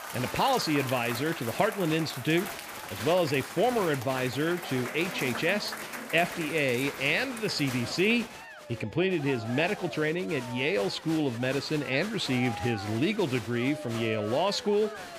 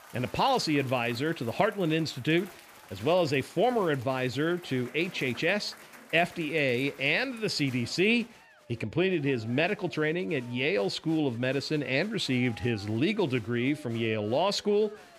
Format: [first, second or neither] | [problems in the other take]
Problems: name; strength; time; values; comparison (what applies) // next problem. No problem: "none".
second | crowd noise; loud; throughout; 10 dB below the speech; faint in the second